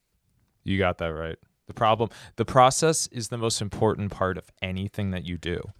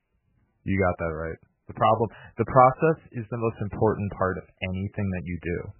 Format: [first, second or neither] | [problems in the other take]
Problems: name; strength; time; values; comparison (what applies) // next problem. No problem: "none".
first | garbled, watery; badly; nothing above 3 kHz